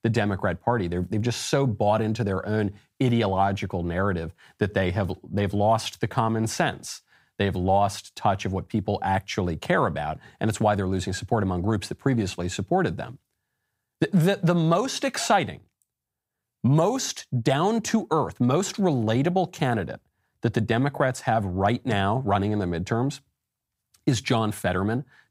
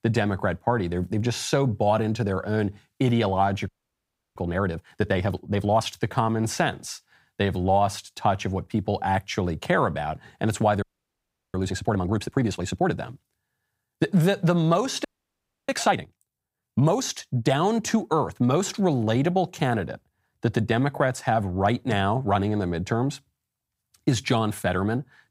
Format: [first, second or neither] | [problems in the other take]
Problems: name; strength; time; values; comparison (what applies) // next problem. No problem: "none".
first | audio freezing; at 3.5 s for 0.5 s, at 11 s for 0.5 s and at 15 s for 0.5 s